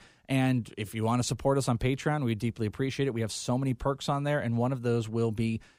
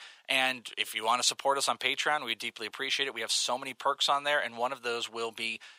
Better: first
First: none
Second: thin; very; fading below 950 Hz

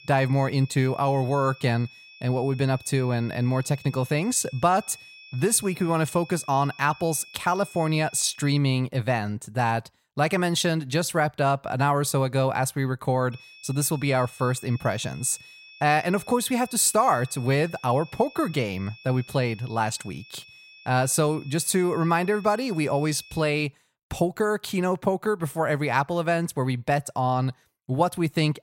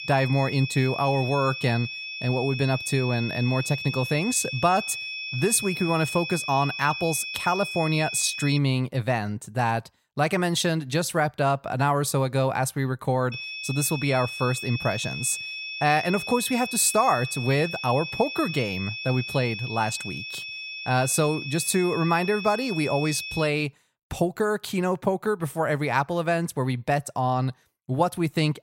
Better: first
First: high-pitched whine; faint; until 8.5 s and from 13 to 23 s; 2.5 kHz, 20 dB below the speech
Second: high-pitched whine; loud; until 8.5 s and from 13 to 23 s; 2.5 kHz, 7 dB below the speech

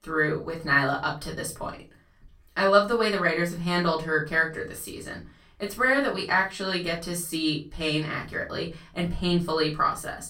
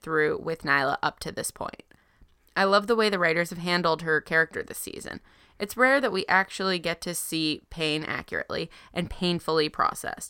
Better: second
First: off-mic speech; far // room echo; very slight; dies away in 0.3 s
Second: none

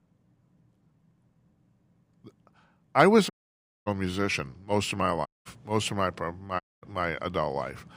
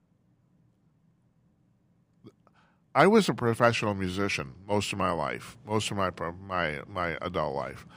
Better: second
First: audio cutting out; at 3.5 s for 0.5 s, at 5.5 s and at 6.5 s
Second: none

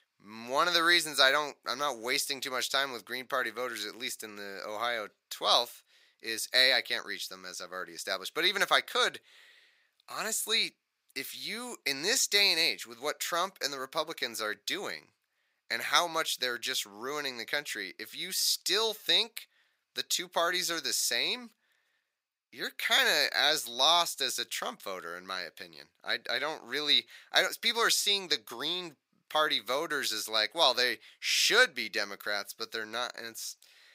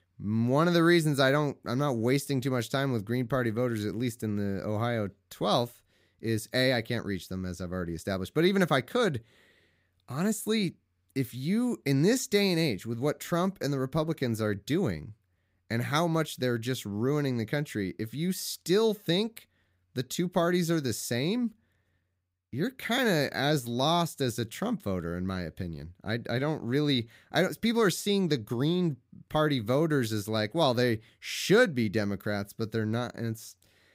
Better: second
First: thin; very; fading below 850 Hz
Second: none

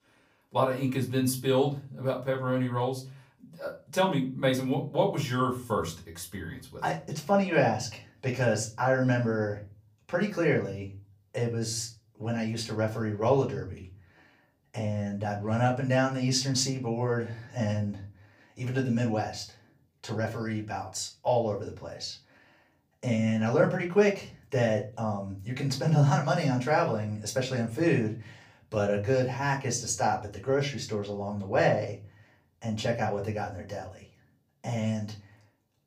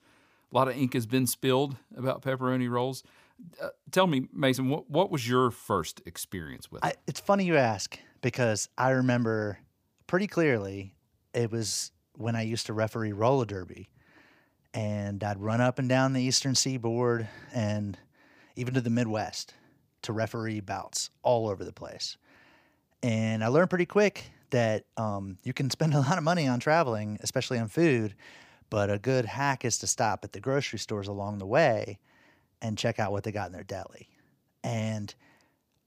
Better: second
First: off-mic speech; far // room echo; very slight; dies away in 0.3 s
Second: none

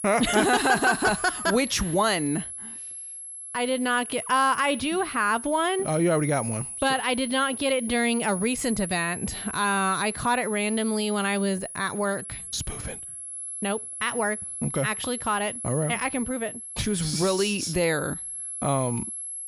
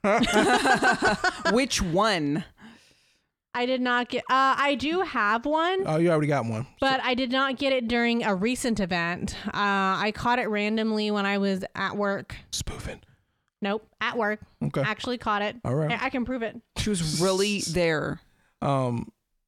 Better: second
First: high-pitched whine; loud; throughout; 11 kHz, 8 dB below the speech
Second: none

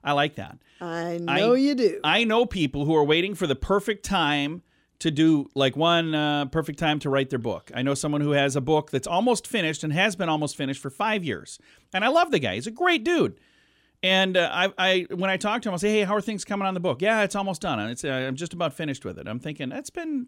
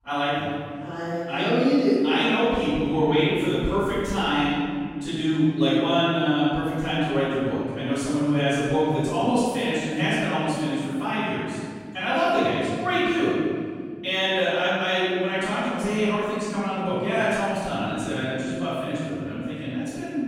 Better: first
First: none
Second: off-mic speech; far // room echo; strong; dies away in 2 s

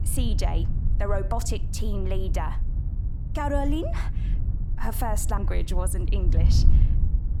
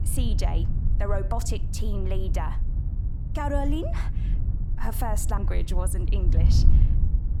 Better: first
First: wind noise on the microphone; occasional gusts; 10 dB below the speech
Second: wind noise on the microphone; heavy; 9 dB below the speech

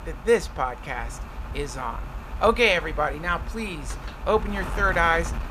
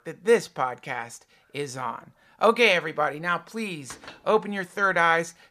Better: second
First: wind noise on the microphone; occasional gusts; 15 dB below the speech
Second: none

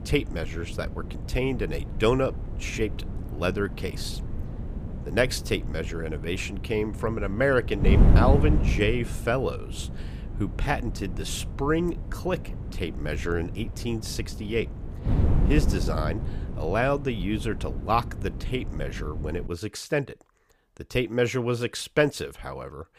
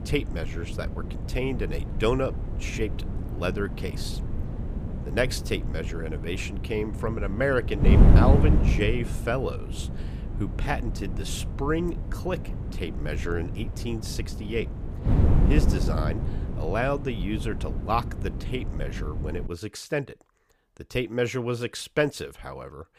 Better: first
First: wind noise on the microphone; occasional gusts; until 19 s; 10 dB below the speech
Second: wind noise on the microphone; heavy; until 19 s; 7 dB below the speech

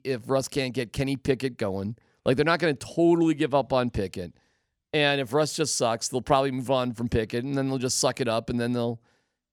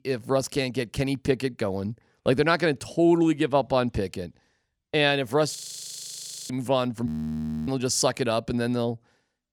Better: first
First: none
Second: audio freezing; at 5.5 s for 1 s and at 7 s for 0.5 s

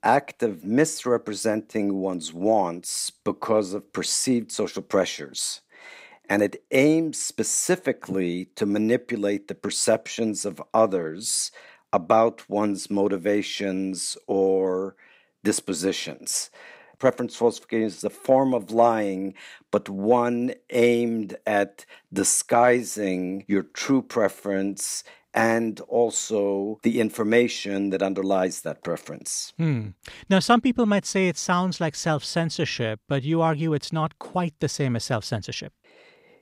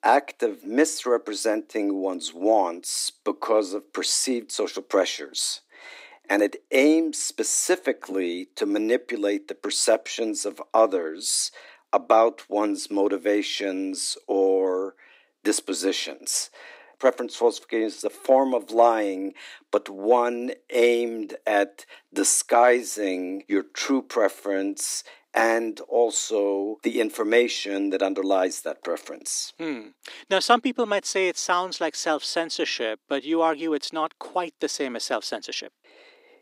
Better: first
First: none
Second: thin; very slightly; fading below 300 Hz

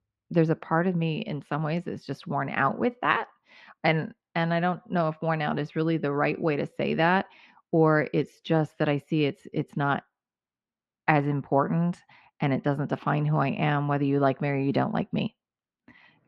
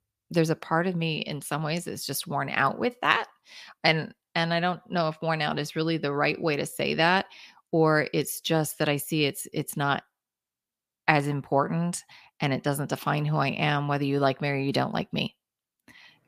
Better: second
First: muffled; slightly; fading above 2 kHz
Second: none

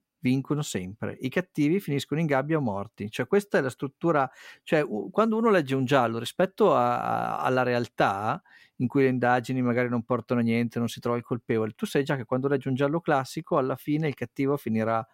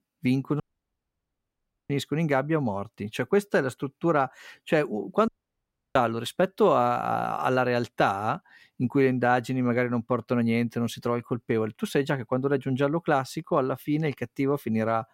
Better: first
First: none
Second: audio cutting out; at 0.5 s for 1.5 s and at 5.5 s for 0.5 s

